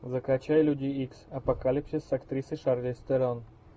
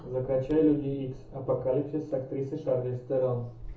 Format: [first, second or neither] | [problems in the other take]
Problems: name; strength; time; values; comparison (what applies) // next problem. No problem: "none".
first | background sound (Bird); 20 dB below the speech // room echo; dies away in 0.7 s